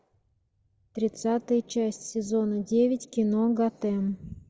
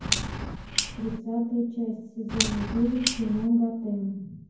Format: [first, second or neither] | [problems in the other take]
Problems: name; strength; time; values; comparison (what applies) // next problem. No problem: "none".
first | background sound (Clock); 4 dB below the speech // room echo; dies away in 0.9 s